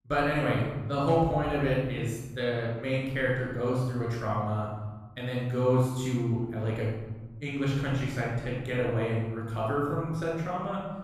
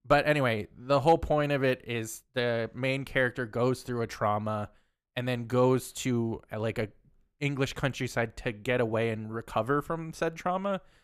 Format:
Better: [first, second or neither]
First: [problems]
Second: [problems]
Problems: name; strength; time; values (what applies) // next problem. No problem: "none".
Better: second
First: off-mic speech; far // room echo; strong; dies away in 1.8 s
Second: none